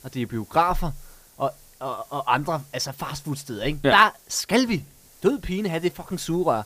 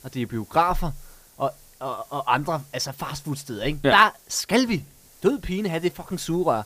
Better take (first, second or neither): neither